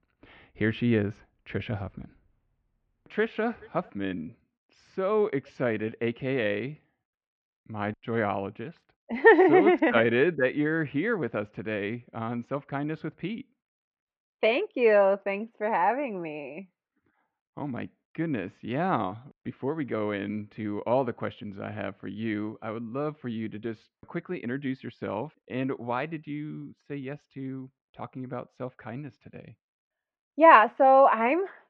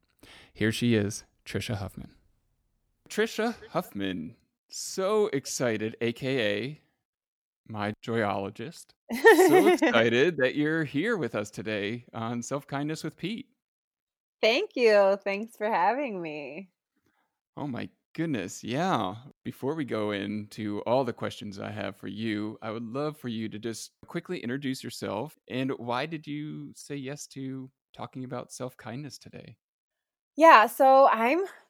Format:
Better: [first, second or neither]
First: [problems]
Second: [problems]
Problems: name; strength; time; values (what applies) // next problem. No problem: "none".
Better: second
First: muffled; very; fading above 2.5 kHz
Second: none